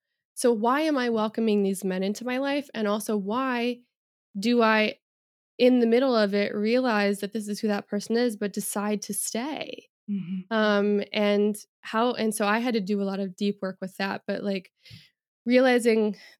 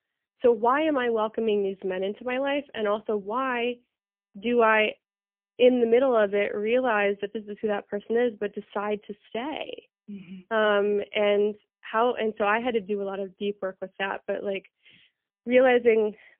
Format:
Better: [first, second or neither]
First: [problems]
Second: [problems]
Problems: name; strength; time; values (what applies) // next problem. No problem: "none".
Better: first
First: none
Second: phone-call audio; poor line; nothing above 3 kHz